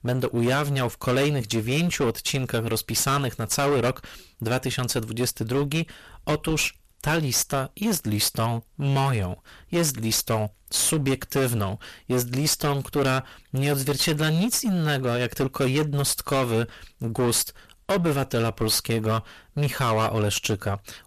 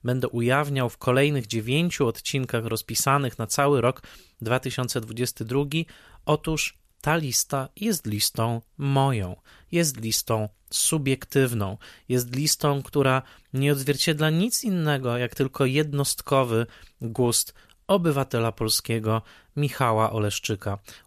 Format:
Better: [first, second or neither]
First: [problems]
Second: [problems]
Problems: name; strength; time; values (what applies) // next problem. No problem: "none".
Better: second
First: distortion; heavy; 17% of the sound clipped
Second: none